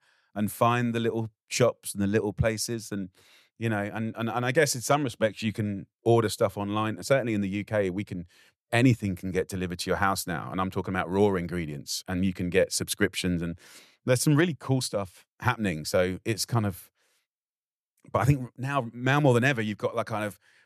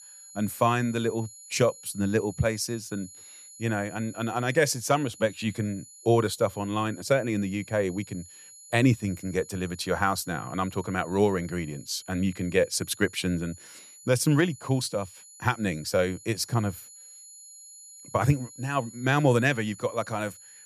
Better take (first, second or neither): first